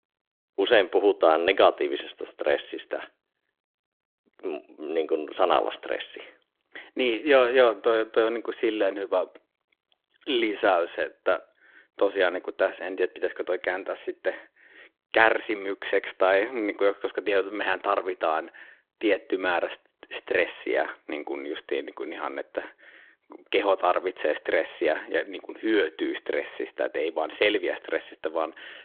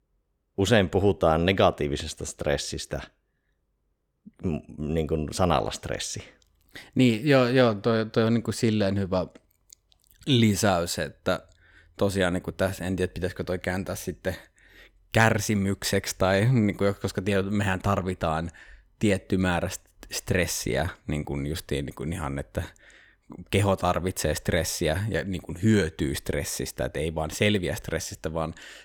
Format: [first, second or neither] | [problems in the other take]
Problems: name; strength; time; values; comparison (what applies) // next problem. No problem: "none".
second | phone-call audio